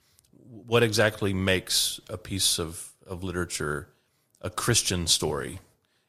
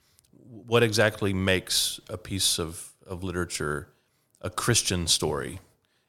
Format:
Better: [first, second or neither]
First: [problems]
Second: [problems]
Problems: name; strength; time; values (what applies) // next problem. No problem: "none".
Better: second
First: garbled, watery; slightly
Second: none